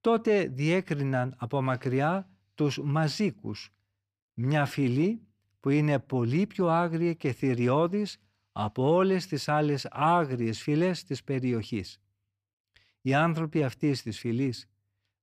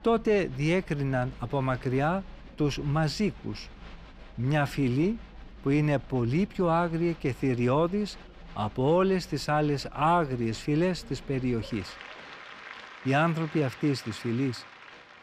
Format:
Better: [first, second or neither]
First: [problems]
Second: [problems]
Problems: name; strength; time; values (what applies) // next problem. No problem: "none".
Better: first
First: none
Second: crowd noise; noticeable; throughout; 20 dB below the speech